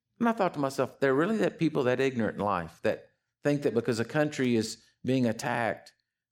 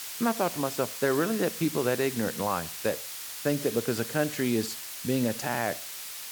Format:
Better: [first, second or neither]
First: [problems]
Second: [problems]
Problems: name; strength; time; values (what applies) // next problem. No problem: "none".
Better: first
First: none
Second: hiss; loud; throughout; 6 dB below the speech